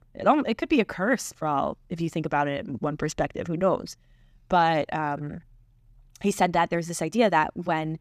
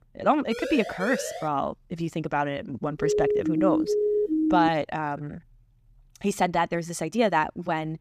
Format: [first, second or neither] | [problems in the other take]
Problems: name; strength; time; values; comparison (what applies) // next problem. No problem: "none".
first | siren; noticeable; at 0.5 s; peak 6 dB below the speech // siren; loud; from 3 to 4.5 s; peak 3 dB above the speech